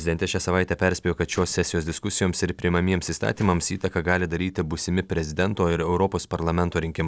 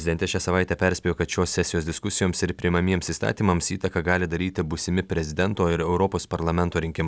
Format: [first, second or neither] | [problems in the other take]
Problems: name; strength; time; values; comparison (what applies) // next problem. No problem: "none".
second | noise reduction (neural separator model SepFormer DNS4)